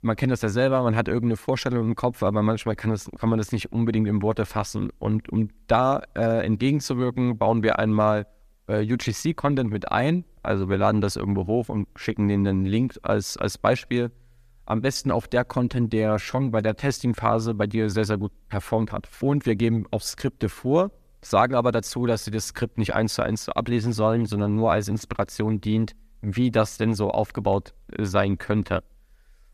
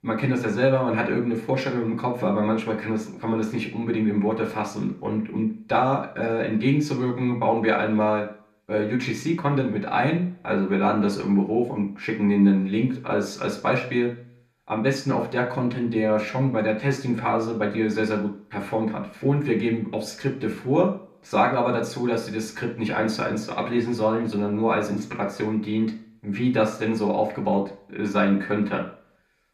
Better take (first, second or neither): first